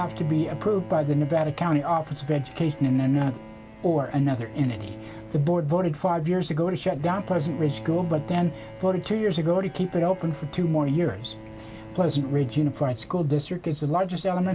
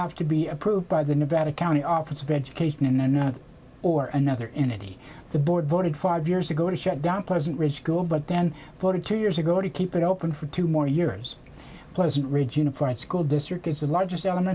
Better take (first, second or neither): second